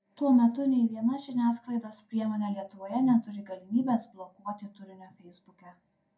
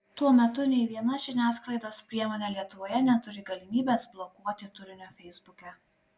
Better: second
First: room echo; dies away in 0.2 s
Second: none

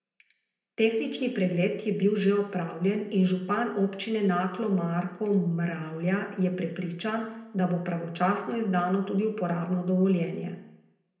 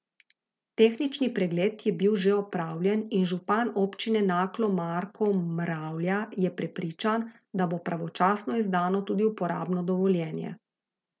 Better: second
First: room echo; dies away in 0.7 s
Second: none

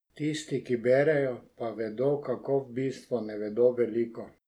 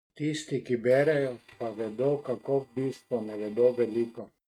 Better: first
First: none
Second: noise reduction (neural mask model RNNoise)

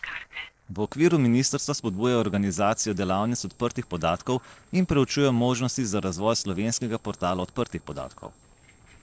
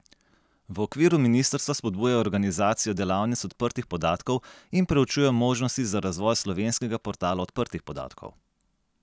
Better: second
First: noise reduction (neural separator model SepFormer DNS4)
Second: none

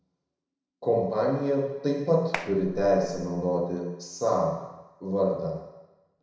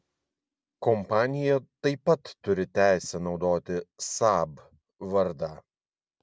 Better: second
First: background sound (Clapping); 11 dB below the speech // room echo; dies away in 1 s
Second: none

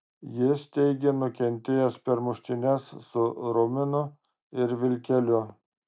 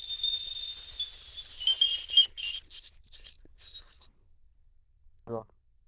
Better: first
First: none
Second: noise reduction (neural diffusion model UNIVERSE++)

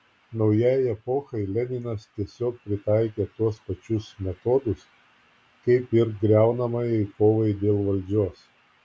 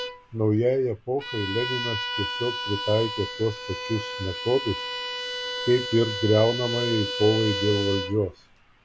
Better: first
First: none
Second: background sound (Bowed string instrument); 6 dB below the speech

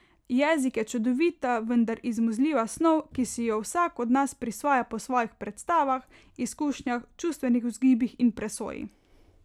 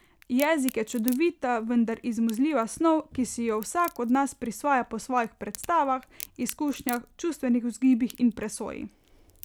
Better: first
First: none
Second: background sound (Crack); 20 dB below the speech

